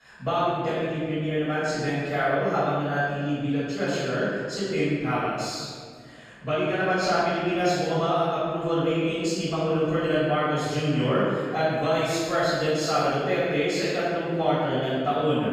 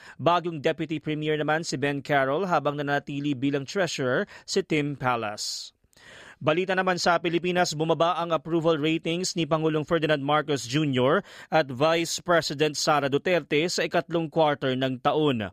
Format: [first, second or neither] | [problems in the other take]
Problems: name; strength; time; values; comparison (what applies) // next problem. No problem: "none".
second | off-mic speech; far // room echo; strong; dies away in 1.7 s